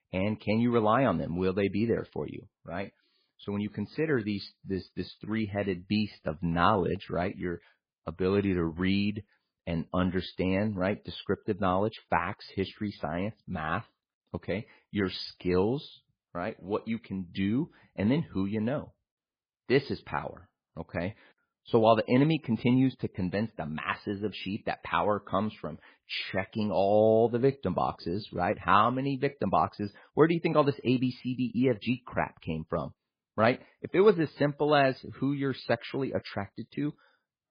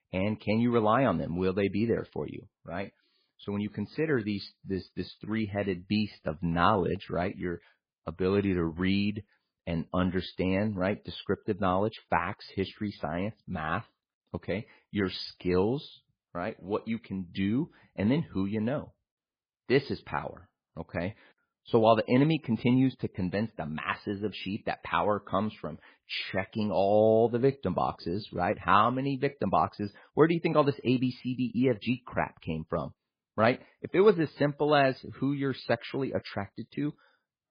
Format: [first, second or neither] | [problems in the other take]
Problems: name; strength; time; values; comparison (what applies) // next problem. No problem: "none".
neither | garbled, watery; badly; the same in both